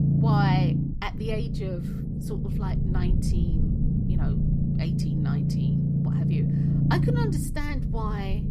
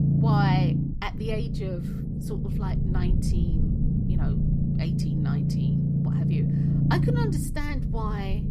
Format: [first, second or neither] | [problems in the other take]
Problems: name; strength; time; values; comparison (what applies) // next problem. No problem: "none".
neither | low rumble; loud; throughout; 1 dB below the speech; the same in both